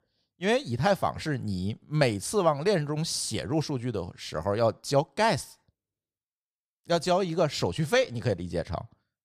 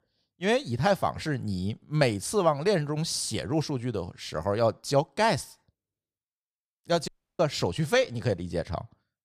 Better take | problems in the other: first | audio cutting out; at 7 s

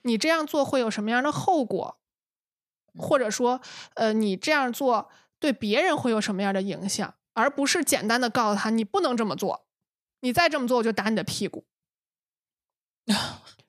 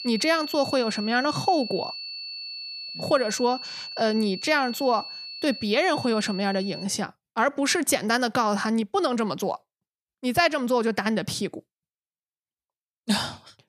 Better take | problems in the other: first | high-pitched whine; loud; until 7 s; 4.5 kHz, 9 dB below the speech

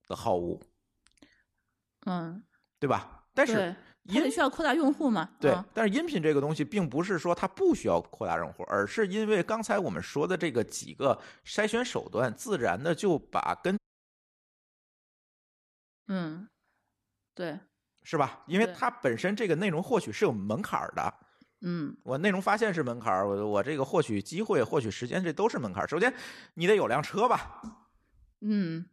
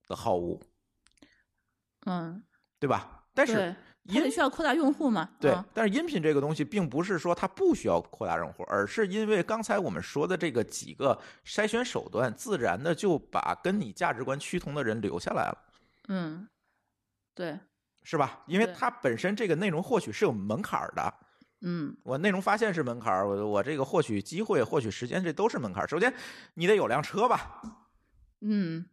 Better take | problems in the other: second | audio cutting out; at 14 s for 2.5 s

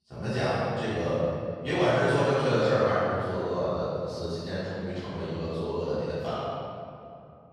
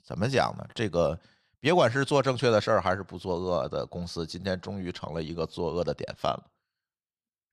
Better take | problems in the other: second | room echo; strong; dies away in 2.3 s // off-mic speech; far

